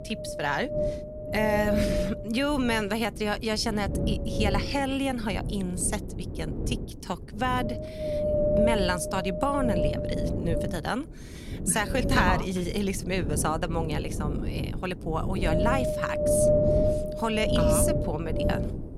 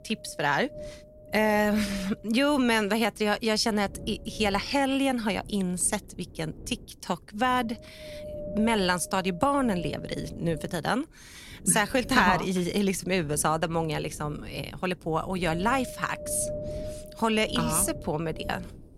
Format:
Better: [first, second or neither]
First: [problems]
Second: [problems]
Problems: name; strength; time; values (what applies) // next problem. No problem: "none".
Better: second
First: wind noise on the microphone; heavy; as loud as the speech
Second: wind noise on the microphone; occasional gusts; 15 dB below the speech